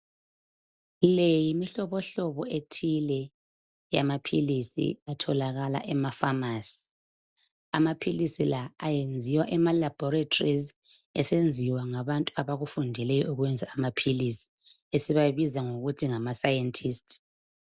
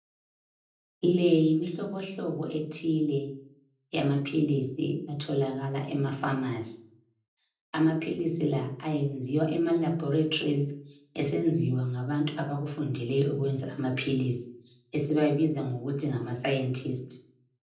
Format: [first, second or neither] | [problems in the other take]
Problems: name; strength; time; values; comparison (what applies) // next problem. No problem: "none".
first | room echo; dies away in 0.6 s